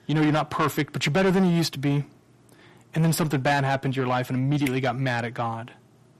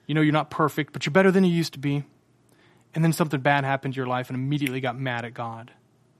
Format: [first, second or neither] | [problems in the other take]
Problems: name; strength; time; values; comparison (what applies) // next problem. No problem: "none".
second | distortion; heavy; 7 dB below the speech